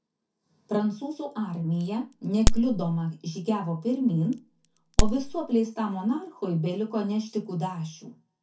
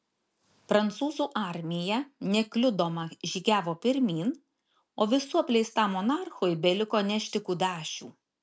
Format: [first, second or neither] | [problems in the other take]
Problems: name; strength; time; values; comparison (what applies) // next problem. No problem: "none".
second | background sound (Crack); 3 dB above the speech // room echo; dies away in 0.3 s